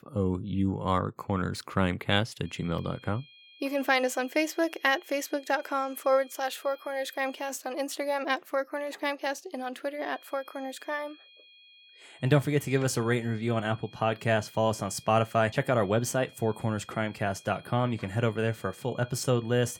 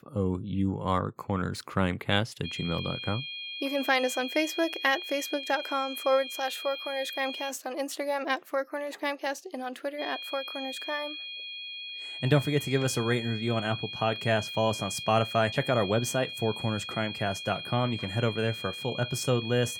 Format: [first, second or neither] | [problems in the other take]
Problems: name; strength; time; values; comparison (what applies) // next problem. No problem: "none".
first | high-pitched whine; loud; from 2.5 to 7.5 s and from 10 s on; 3.5 kHz, 7 dB below the speech; faint in the first